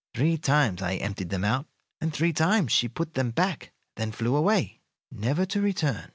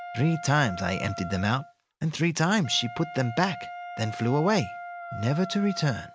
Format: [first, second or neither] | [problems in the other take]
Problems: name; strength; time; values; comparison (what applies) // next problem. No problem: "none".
first | background sound (Wind instrument, woodwind instrument); 12 dB below the speech